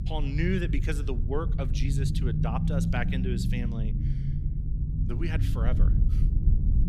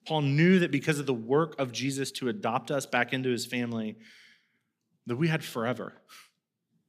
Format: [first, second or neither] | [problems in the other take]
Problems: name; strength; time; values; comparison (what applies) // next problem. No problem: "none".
second | low rumble; loud; throughout; 5 dB below the speech